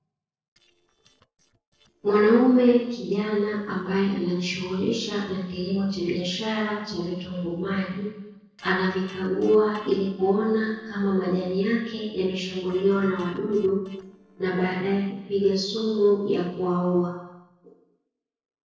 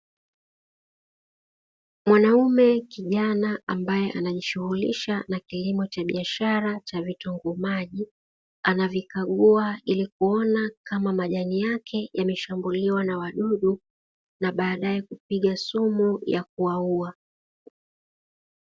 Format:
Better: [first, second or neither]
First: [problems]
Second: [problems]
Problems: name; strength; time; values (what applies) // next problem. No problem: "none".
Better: second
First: noise reduction (neural separator model SepFormer DNS4)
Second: none